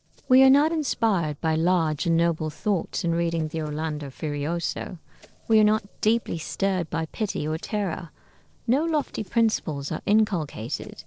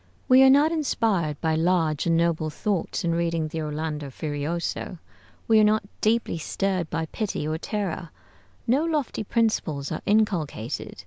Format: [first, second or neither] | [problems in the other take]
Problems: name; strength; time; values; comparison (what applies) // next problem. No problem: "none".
second | noise reduction (neural separator model SepFormer DNS4)